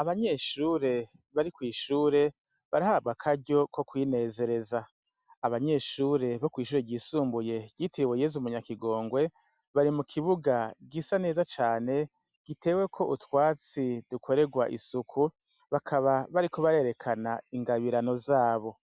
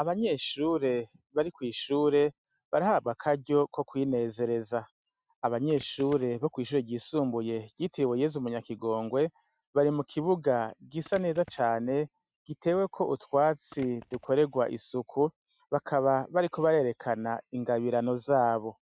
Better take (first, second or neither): first